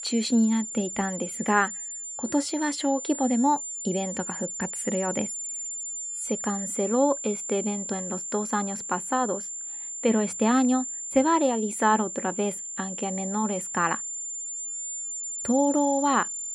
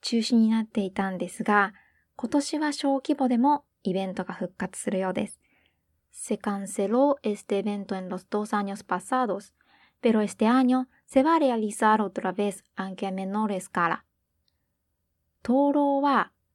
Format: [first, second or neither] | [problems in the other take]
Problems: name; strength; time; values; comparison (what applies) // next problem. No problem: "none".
second | high-pitched whine; loud; throughout; 7 kHz, 5 dB below the speech